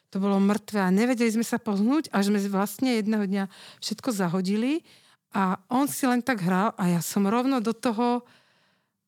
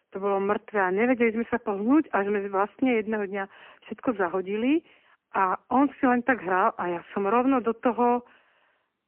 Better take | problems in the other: first | phone-call audio; poor line; nothing above 3 kHz

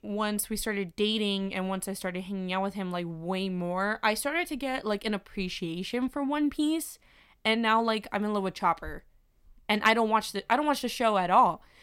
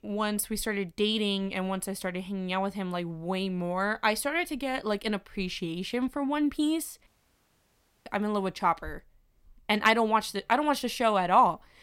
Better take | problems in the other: first | audio cutting out; at 7 s for 1 s

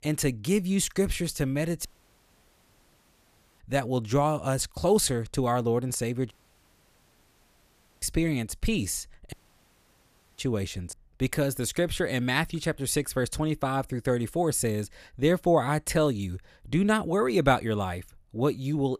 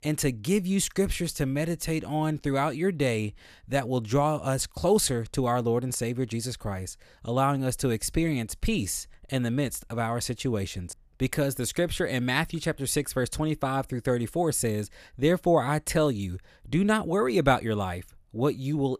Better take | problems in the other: second | audio cutting out; at 2 s for 2 s, at 6.5 s for 1.5 s and at 9.5 s for 1 s

